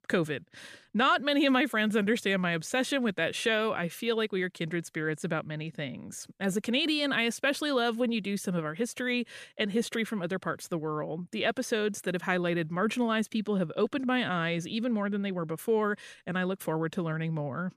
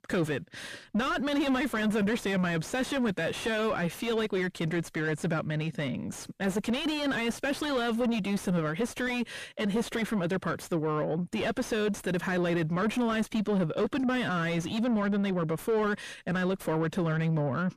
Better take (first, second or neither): first